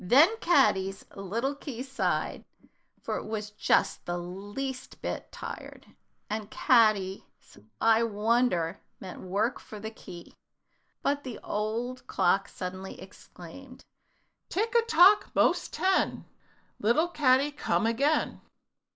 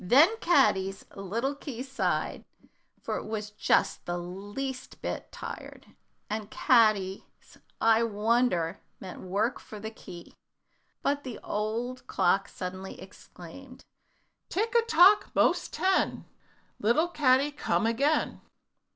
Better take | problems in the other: second | noise reduction (neural mask model Resemble Enhance denoiser)

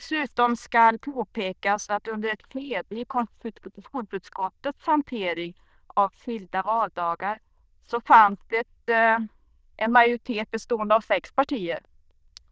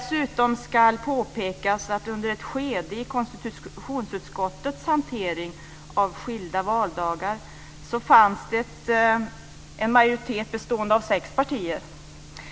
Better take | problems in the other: second | noise reduction (neural diffusion model UNIVERSE++)

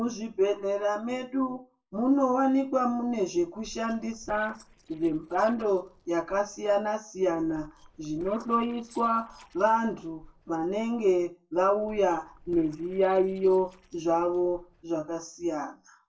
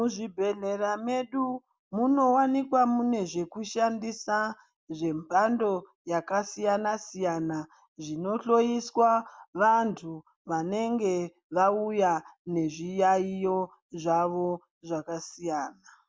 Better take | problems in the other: second | noise reduction (neural separator model SepFormer DNS4)

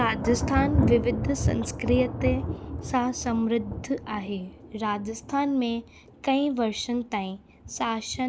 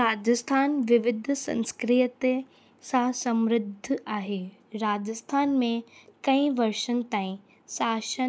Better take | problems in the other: second | background sound (Thunder); 4 dB below the speech

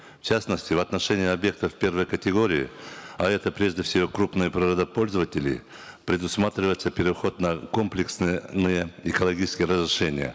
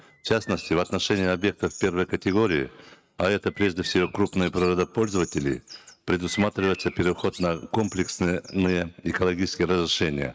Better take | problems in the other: first | noise reduction (neural mask model RNNoise)

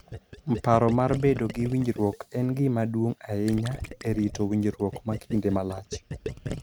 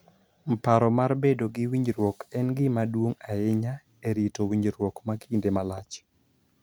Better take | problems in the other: second | background sound (Gurgling); 12 dB below the speech

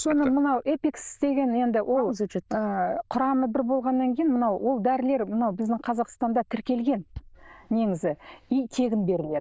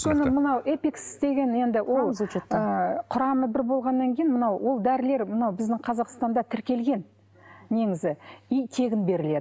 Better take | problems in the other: second | noise reduction (neural diffusion model UNIVERSE++)

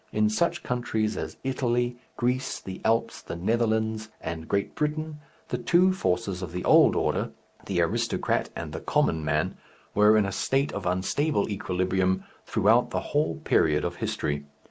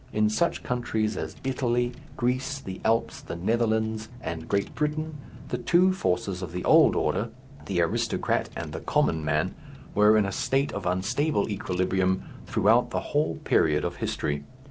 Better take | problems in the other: first | background sound (Engine / Car); 18 dB below the speech

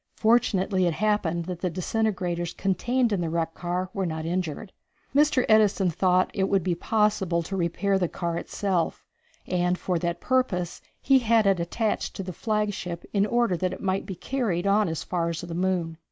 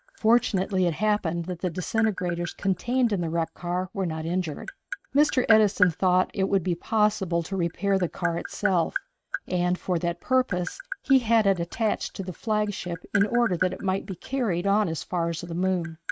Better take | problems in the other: first | noise reduction (neural mask model RNNoise)

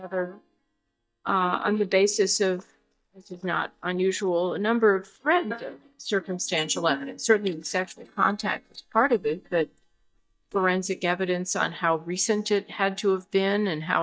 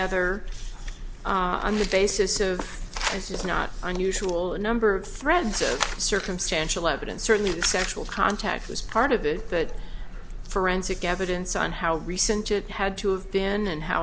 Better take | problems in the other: second | noise reduction (neural mask model DeepFilterNet 3)

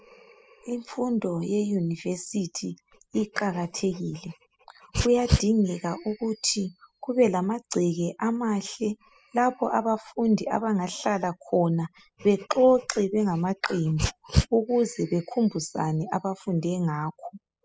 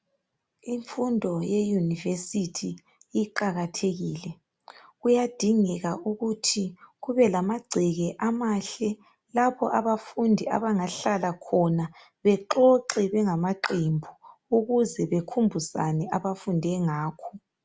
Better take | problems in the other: second | noise reduction (classical method spectral subtraction)

